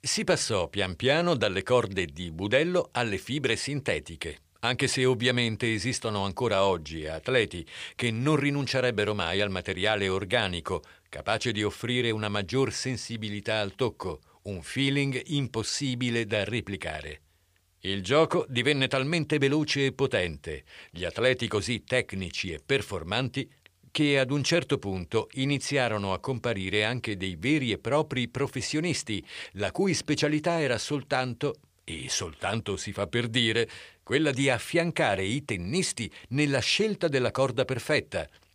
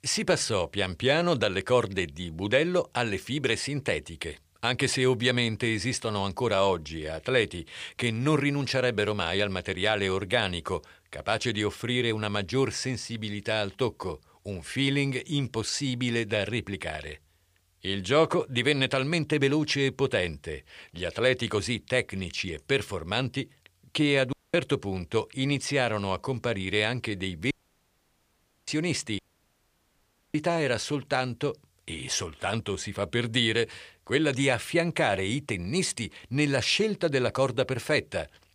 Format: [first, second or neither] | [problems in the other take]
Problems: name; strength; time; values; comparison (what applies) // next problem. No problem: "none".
first | audio cutting out; at 24 s, at 28 s for 1 s and at 29 s for 1 s